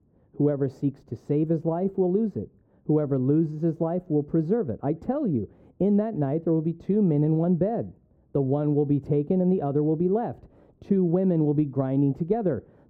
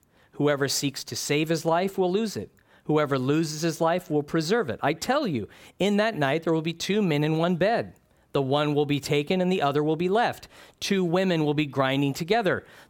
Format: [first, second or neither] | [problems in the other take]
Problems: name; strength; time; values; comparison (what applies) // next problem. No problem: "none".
second | muffled; very; fading above 1 kHz